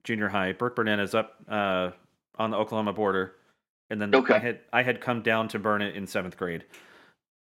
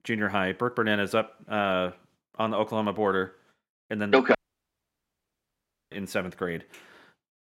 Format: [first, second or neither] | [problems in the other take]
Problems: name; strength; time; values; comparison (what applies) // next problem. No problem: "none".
first | audio cutting out; at 4.5 s for 1.5 s